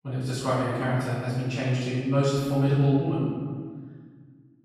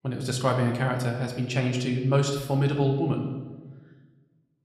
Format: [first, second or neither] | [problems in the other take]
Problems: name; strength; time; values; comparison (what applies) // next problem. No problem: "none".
second | room echo; strong; dies away in 1.6 s; slight in the second // off-mic speech; far